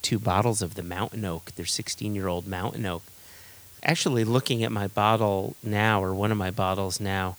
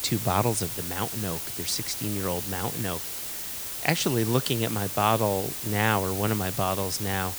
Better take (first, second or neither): first